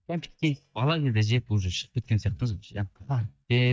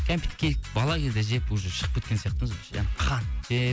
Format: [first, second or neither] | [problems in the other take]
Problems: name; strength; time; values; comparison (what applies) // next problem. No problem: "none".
second | noise reduction (neural mask model DeepFilterNet 3)